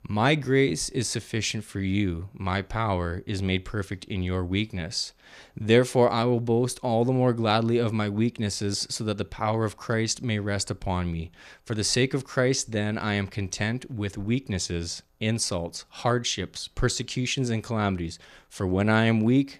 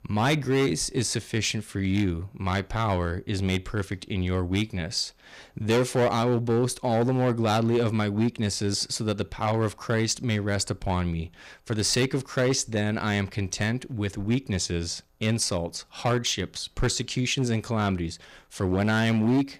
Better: first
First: none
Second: distortion; slight; 6% of the sound clipped

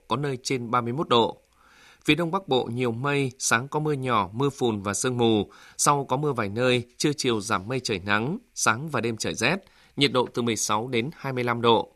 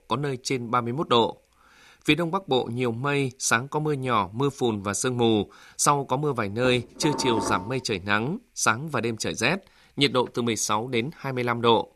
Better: first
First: none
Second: clattering dishes; noticeable; from 6.5 to 7.5 s; peak 4 dB below the speech

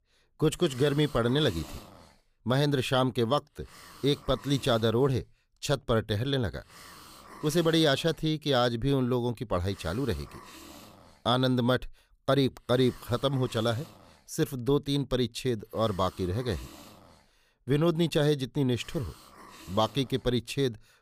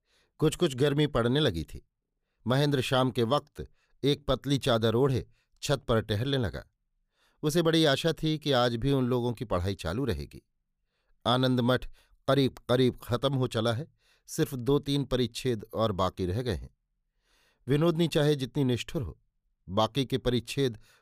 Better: second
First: hiss; faint; throughout; 20 dB below the speech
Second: none

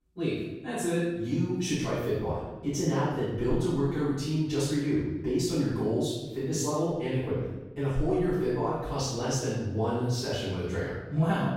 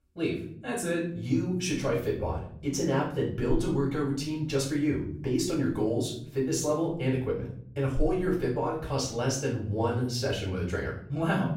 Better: second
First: room echo; strong; dies away in 1.1 s // off-mic speech; far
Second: room echo; slight; dies away in 0.6 s // off-mic speech; far

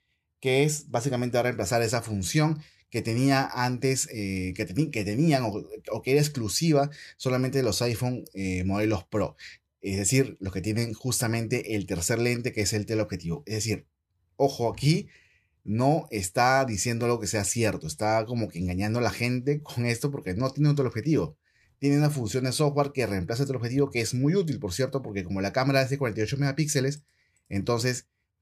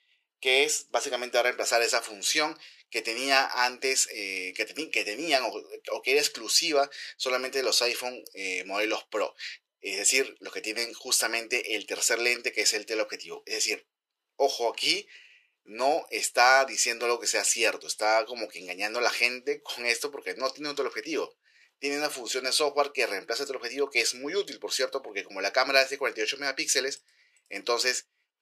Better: first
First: none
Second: thin; very; fading below 400 Hz

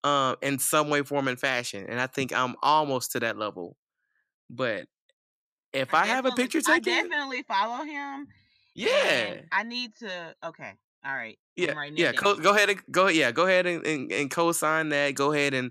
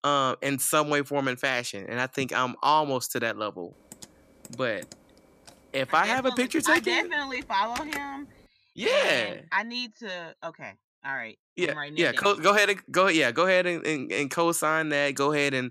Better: first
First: none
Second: keyboard typing; faint; from 4 to 8 s; peak 10 dB below the speech

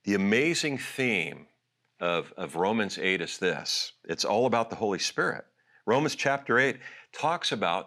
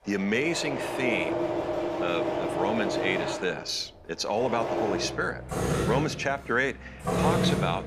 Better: first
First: none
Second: machinery noise; loud; throughout; as loud as the speech

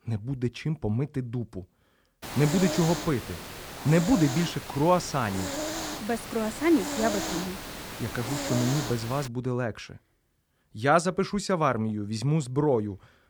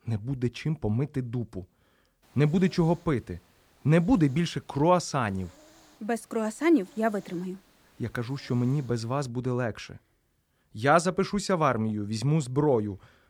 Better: second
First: hiss; loud; from 2 to 9.5 s; 6 dB below the speech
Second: hiss; faint; from 2 to 9.5 s; 30 dB below the speech

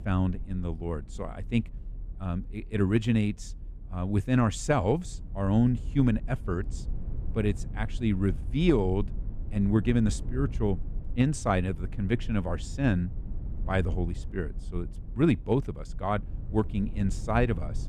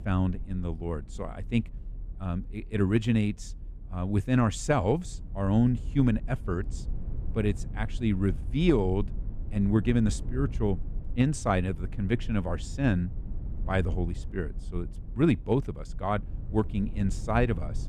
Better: neither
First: low rumble; faint; throughout; 20 dB below the speech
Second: low rumble; faint; throughout; 20 dB below the speech

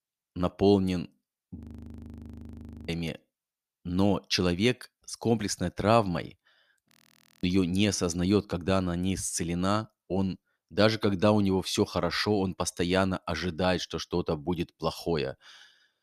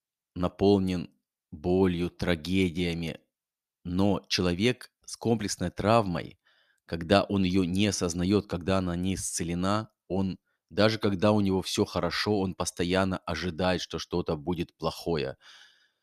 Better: second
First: audio freezing; at 1.5 s for 1.5 s and at 7 s for 0.5 s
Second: none

